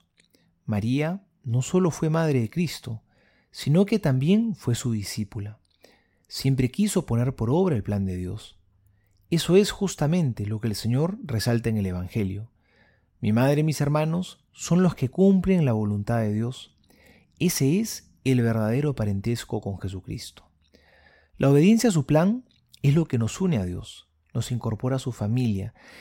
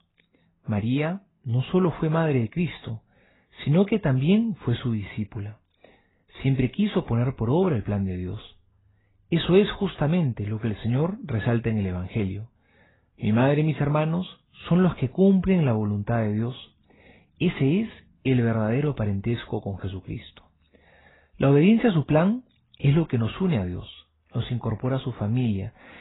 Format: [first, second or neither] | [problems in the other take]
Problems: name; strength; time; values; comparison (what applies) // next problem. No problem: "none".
first | garbled, watery; badly; nothing above 4 kHz